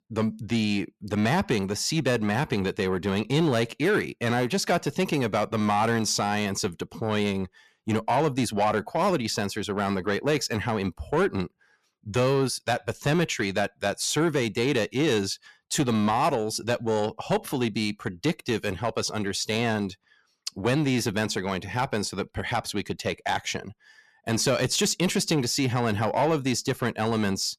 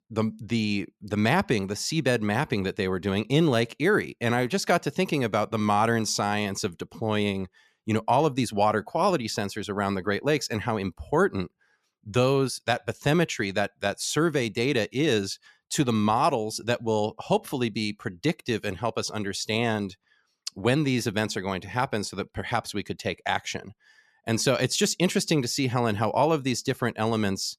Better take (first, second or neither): second